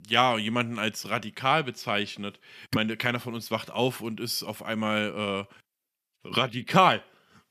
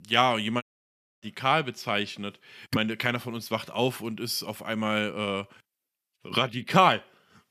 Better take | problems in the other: first | audio cutting out; at 0.5 s for 0.5 s

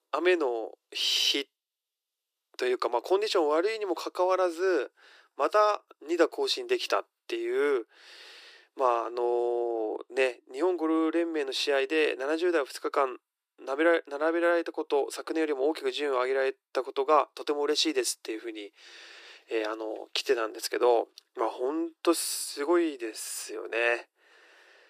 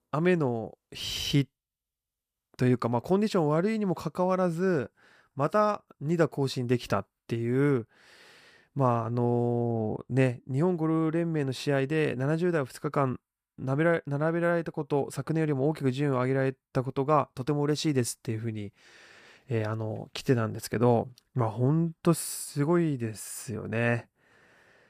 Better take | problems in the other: second | thin; very; fading below 300 Hz

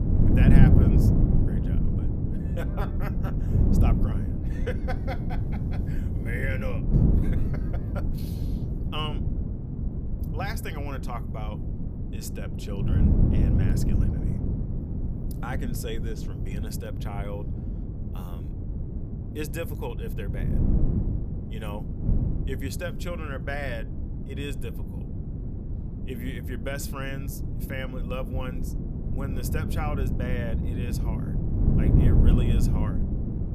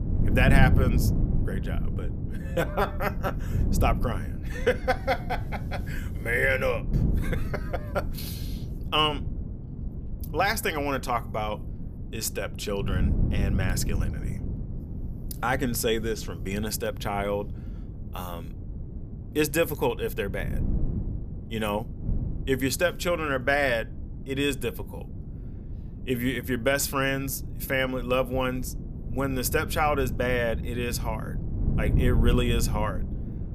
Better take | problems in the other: second | wind noise on the microphone; heavy; as loud as the speech; occasional gusts in the second

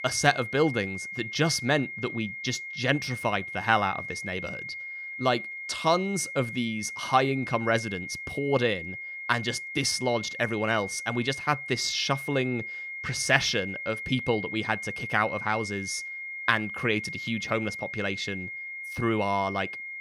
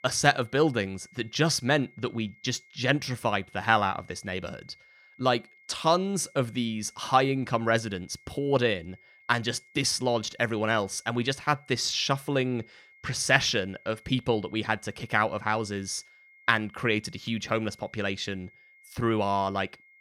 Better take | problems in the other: second | high-pitched whine; loud; throughout; 2 kHz, 7 dB below the speech; faint in the second

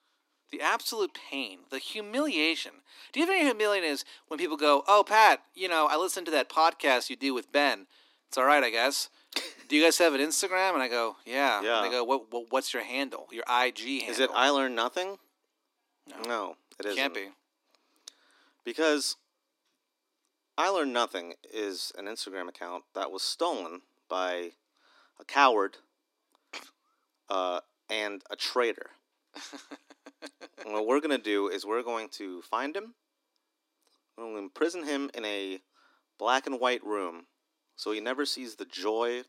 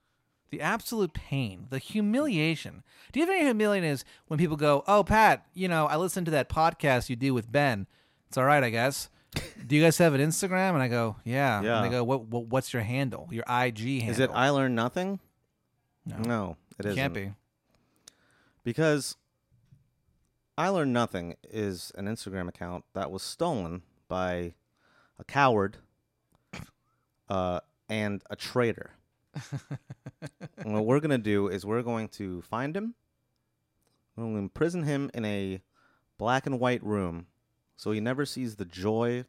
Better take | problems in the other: second | thin; somewhat; fading below 300 Hz

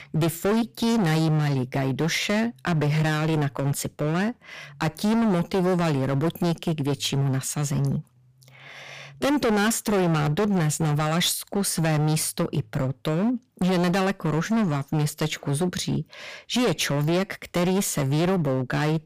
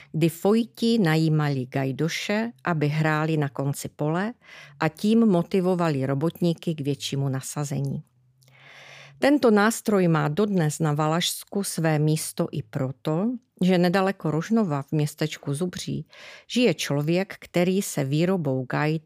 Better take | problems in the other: second | distortion; heavy; 21% of the sound clipped

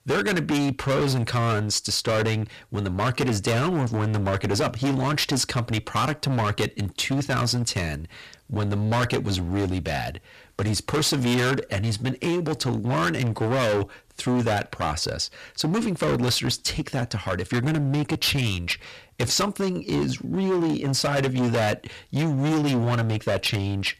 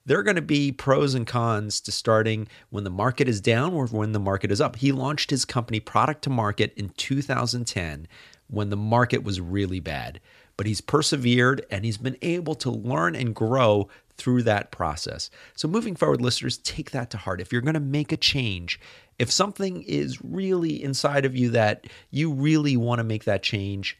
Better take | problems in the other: second | distortion; heavy; 22% of the sound clipped

